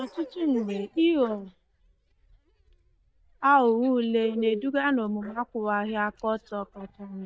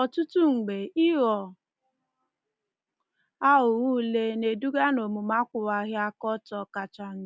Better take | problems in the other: second | noise reduction (neural mask model DeepFilterNet 3)

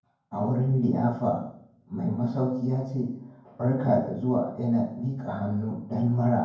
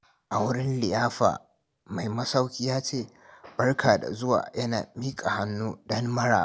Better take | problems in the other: second | room echo; dies away in 0.9 s

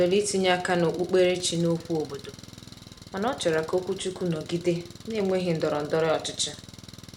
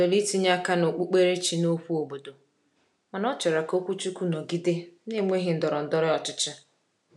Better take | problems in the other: second | background sound (Engine); 18 dB below the speech

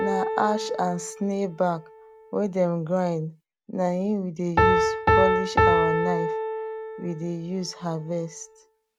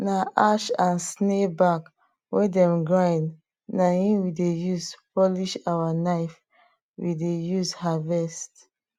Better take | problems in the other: second | background sound (Piano); 1 dB above the speech

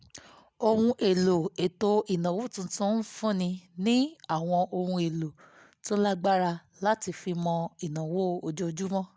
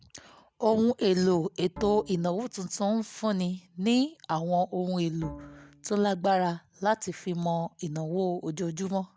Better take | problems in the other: first | background sound (Bowed string instrument); 18 dB below the speech

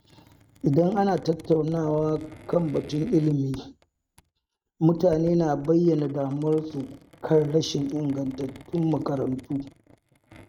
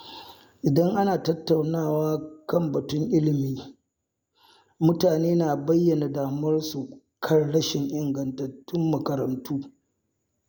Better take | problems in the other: second | noise reduction (neural mask model RNNoise)

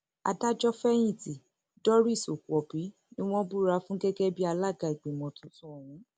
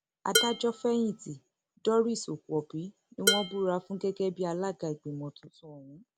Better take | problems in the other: first | background sound (Dishes, pots, and pans); as loud as the speech

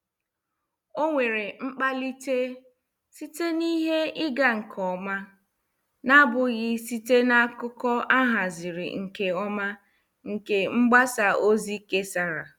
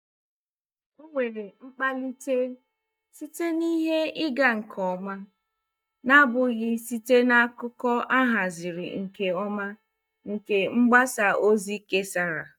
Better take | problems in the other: first | noise reduction (neural mask model DeepFilterNet 3)

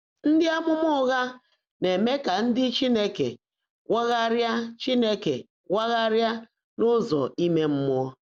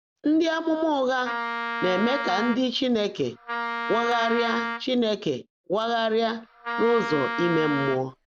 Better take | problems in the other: first | background sound (Wind instrument, woodwind instrument); 5 dB below the speech

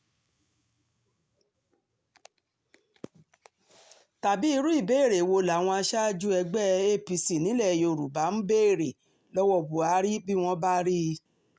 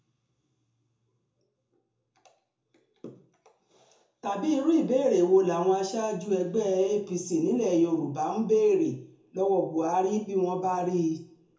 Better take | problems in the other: first | room echo; dies away in 0.6 s

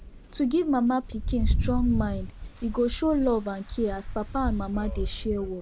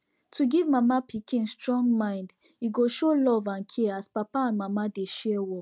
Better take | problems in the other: second | background sound (Rain); 4 dB below the speech

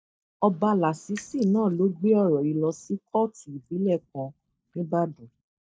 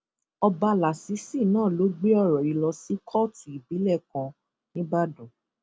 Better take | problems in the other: second | noise reduction (neural mask model DeepFilterNet 3)

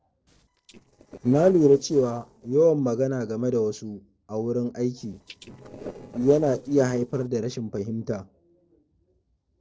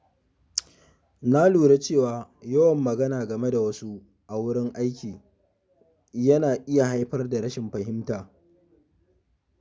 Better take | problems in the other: second | noise reduction (neural separator model SepFormer DNS4)

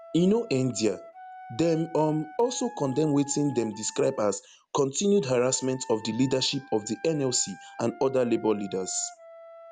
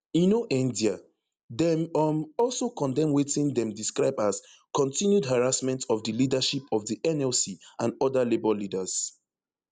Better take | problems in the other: second | background sound (Wind instrument, woodwind instrument); 19 dB below the speech

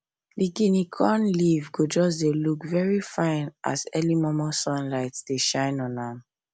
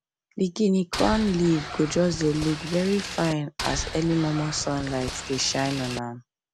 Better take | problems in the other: first | background sound (Boat, Water vehicle); 9 dB below the speech

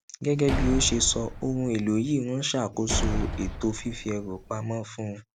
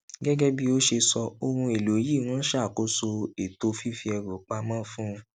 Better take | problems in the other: second | background sound (Slam); 4 dB below the speech

